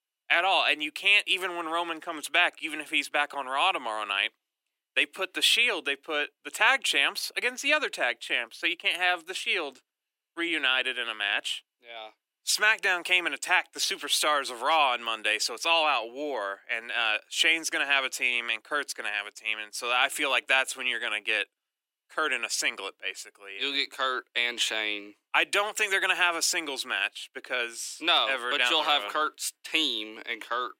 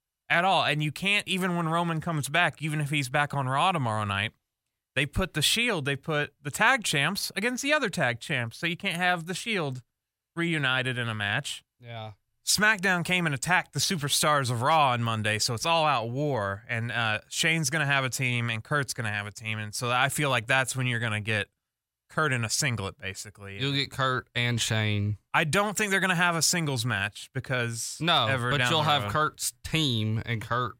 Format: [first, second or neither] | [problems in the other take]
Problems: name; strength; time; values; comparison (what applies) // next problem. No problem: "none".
second | thin; very; fading below 300 Hz